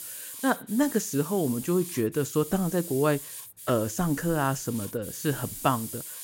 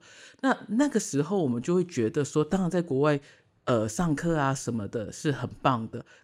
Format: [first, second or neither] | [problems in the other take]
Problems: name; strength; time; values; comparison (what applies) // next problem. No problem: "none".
second | hiss; loud; throughout; 10 dB below the speech